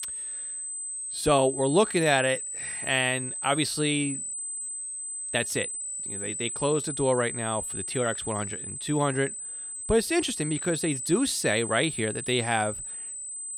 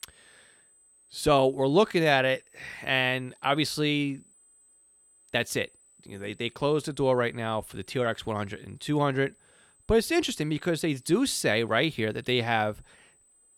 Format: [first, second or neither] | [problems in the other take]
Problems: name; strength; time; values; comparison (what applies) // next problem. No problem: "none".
second | high-pitched whine; loud; throughout; 8 kHz, 5 dB below the speech; faint in the second